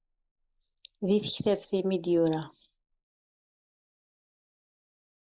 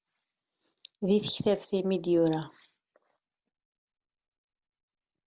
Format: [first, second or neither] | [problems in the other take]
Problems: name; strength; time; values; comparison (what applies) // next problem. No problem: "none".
second | noise reduction (neural mask model Resemble Enhance denoiser)